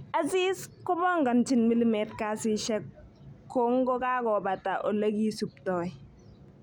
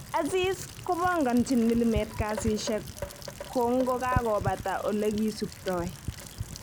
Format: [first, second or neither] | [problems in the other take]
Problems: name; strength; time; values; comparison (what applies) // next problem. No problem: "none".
first | background sound (Rain); 9 dB below the speech